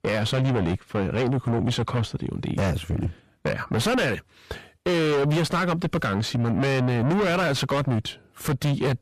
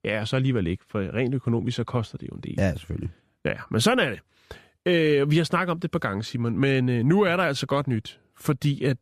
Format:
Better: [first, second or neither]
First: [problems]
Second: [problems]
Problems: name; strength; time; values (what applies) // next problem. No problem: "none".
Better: second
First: distortion; heavy; 6 dB below the speech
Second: none